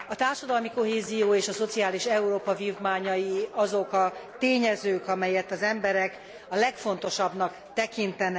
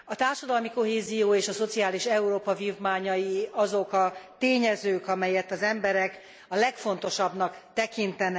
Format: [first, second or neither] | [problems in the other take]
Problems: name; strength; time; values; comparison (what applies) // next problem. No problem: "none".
second | background sound (Applause); 19 dB below the speech